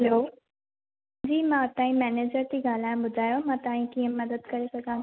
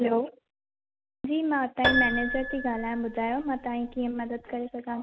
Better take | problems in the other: first | background sound (Piano); 2 dB below the speech

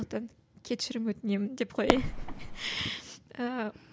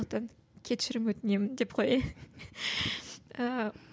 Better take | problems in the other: second | background sound (Fireworks); 3 dB above the speech

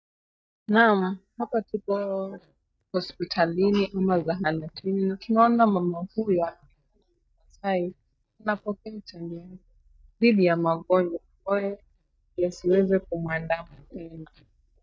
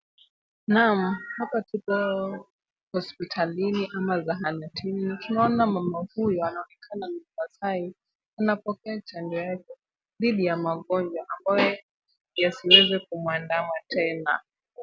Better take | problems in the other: second | noise reduction (neural mask model DeepFilterNet 3)

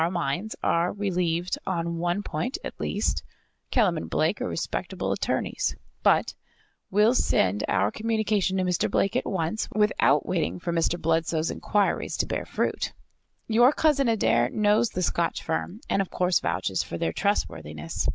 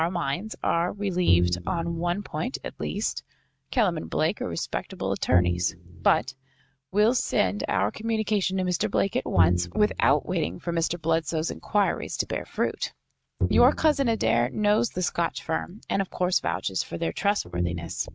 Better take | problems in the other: first | noise reduction (neural mask model RNNoise)

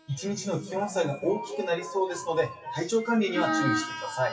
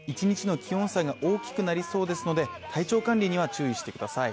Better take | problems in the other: second | noise reduction (classical method WPE with log-MMSE)

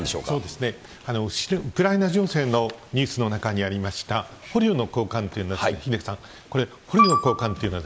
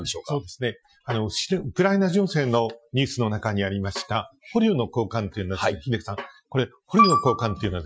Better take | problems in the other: first | noise reduction (classical method Wiener filter)

